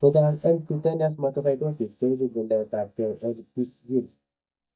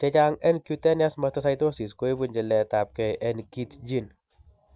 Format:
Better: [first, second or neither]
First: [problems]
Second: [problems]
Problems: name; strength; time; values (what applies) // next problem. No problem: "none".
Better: second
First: noise reduction (neural mask model DeepFilterNet 3)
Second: none